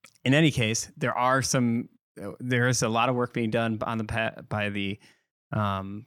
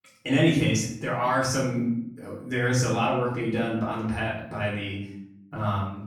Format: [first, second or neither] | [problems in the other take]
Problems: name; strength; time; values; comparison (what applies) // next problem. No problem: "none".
first | off-mic speech; far // room echo; noticeable; dies away in 0.7 s